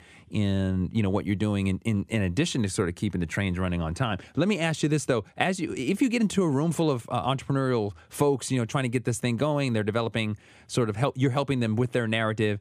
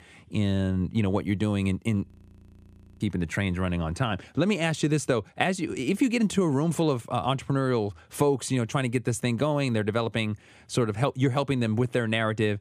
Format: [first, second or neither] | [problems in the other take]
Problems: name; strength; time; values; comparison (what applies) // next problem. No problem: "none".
first | audio freezing; at 2 s for 1 s